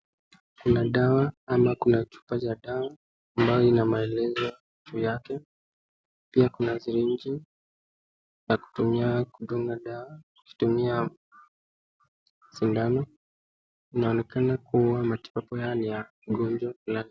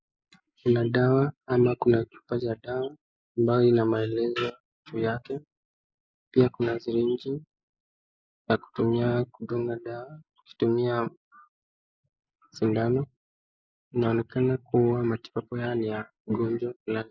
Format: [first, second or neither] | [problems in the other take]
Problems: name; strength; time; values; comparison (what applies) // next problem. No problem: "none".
first | noise reduction (neural mask model Resemble Enhance denoiser)